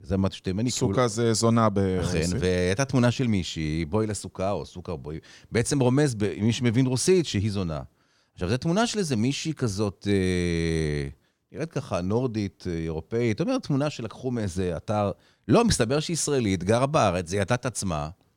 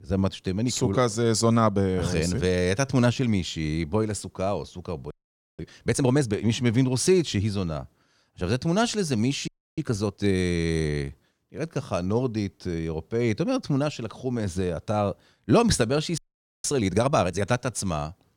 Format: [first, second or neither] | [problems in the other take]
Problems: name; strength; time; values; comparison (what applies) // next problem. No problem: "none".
first | audio freezing; at 5 s, at 9.5 s and at 16 s